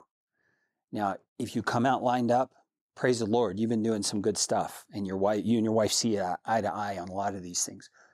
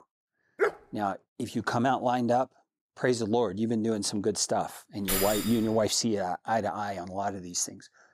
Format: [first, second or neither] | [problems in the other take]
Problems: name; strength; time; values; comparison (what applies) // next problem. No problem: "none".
first | dog barking; noticeable; at 0.5 s; peak 1 dB below the speech // jangling keys; loud; at 5 s; peak 1 dB above the speech